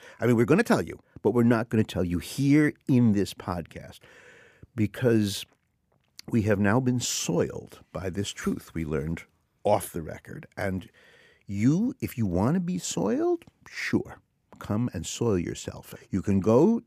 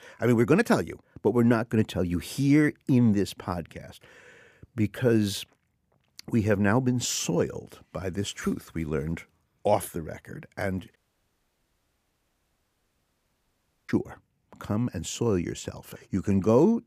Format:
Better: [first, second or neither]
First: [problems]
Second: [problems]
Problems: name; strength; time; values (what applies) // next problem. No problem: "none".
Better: first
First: none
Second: audio cutting out; at 11 s for 3 s